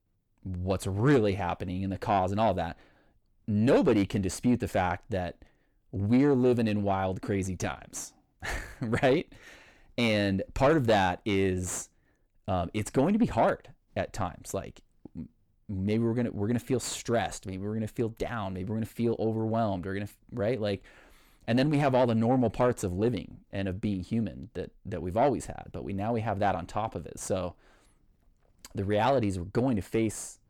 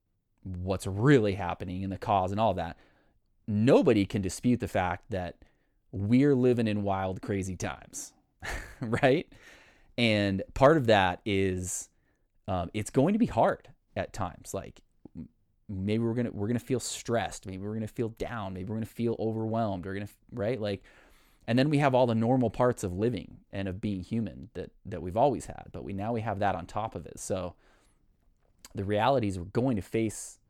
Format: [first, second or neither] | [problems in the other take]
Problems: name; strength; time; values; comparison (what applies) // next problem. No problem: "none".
second | distortion; slight; 10 dB below the speech